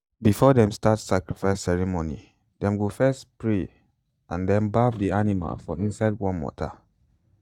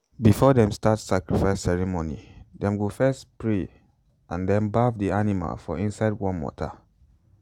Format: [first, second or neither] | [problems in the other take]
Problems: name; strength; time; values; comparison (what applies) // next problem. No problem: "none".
second | noise reduction (neural mask model DeepFilterNet 3)